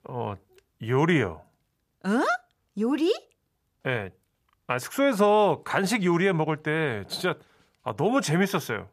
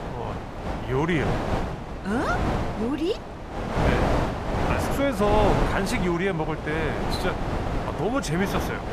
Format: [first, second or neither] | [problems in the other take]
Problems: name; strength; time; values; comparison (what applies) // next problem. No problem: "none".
first | wind noise on the microphone; heavy; 2 dB below the speech